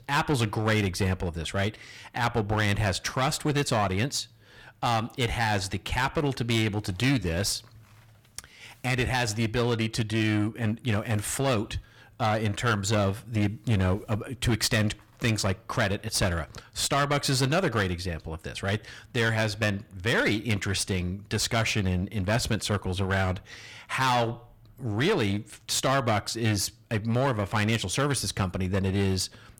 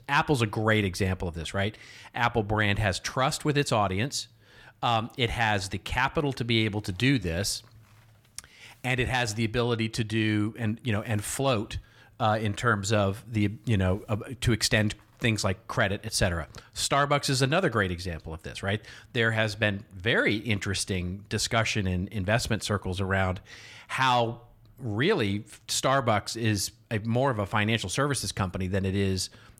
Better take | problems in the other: second | distortion; slight; 9% of the sound clipped

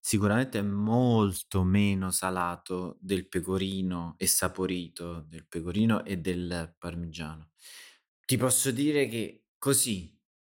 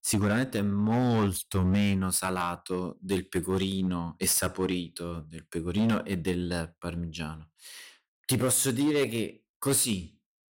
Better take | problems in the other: first | distortion; slight; 7% of the sound clipped

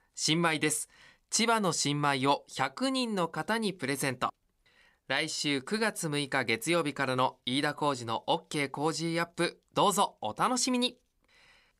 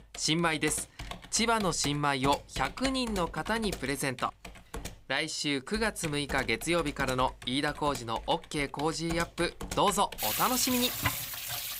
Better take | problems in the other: first | household noises; loud; throughout; 8 dB below the speech

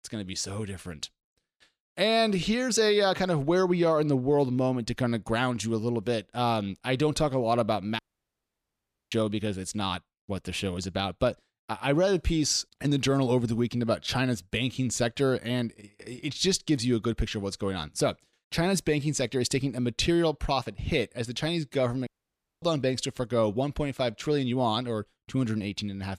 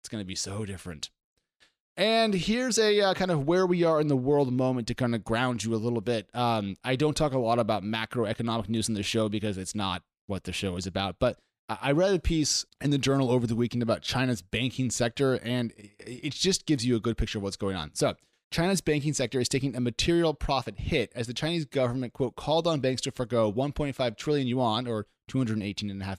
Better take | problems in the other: second | audio cutting out; at 8 s for 1 s and at 22 s for 0.5 s

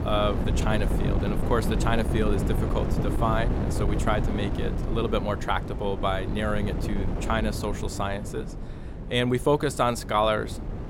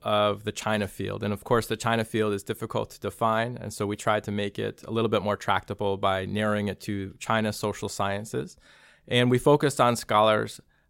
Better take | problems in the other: second | wind noise on the microphone; heavy; 8 dB below the speech

